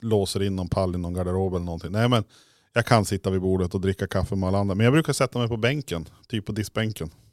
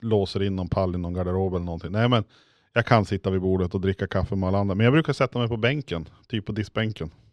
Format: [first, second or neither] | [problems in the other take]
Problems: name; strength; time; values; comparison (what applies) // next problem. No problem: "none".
first | muffled; very slightly; fading above 3 kHz